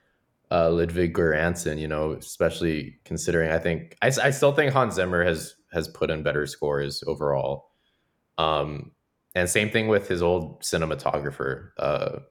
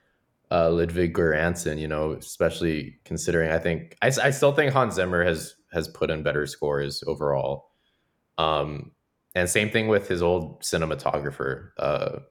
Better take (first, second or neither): neither